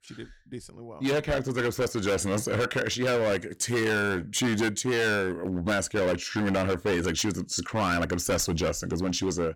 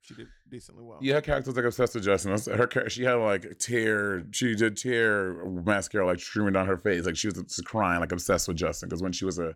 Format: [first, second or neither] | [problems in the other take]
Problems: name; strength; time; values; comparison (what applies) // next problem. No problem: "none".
second | distortion; heavy; 17% of the sound clipped